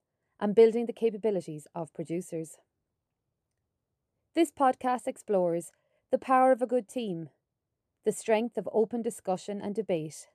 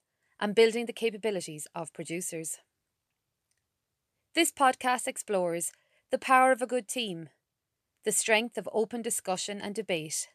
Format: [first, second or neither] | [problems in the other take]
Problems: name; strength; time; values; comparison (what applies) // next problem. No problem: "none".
second | muffled; slightly; fading above 1 kHz